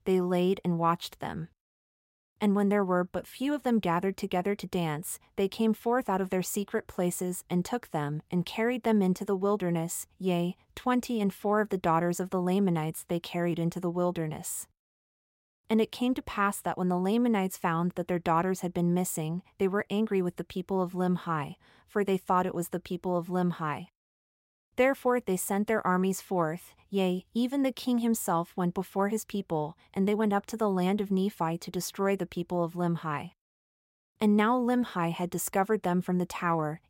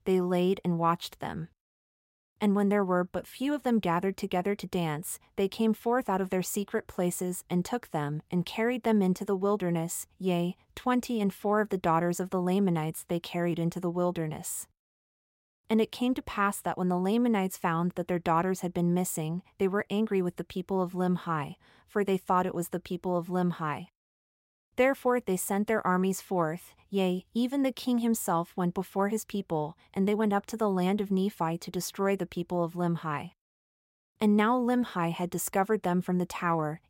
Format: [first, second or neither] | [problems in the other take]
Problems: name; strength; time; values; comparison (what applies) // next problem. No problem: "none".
neither | none